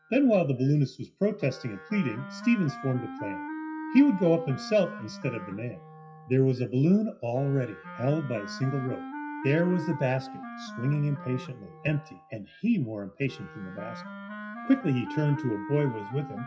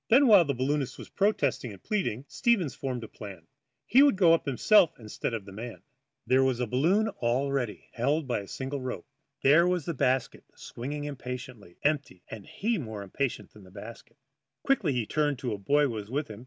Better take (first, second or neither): second